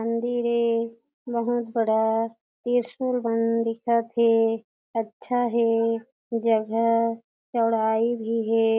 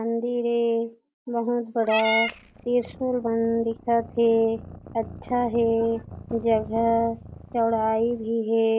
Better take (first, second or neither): first